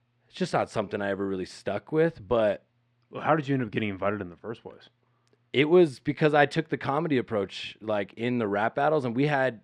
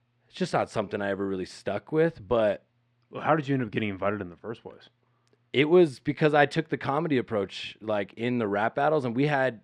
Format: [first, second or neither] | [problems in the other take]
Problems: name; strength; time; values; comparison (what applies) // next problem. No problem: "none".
neither | muffled; slightly; fading above 3.5 kHz; the same in both